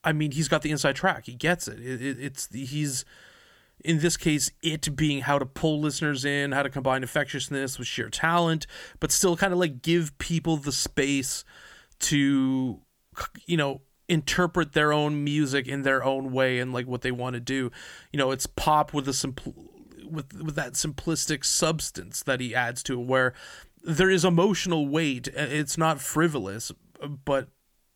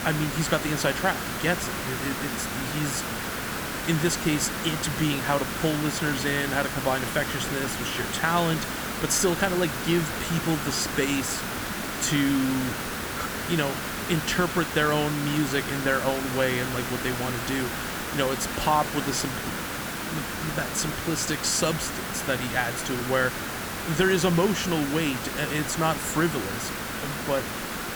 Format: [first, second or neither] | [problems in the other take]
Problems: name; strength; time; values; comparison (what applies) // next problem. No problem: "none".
first | hiss; loud; throughout; 3 dB below the speech